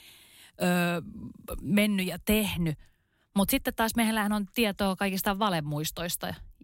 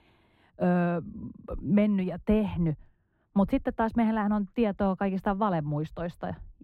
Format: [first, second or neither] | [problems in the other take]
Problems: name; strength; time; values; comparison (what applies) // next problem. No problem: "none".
first | muffled; very; fading above 3 kHz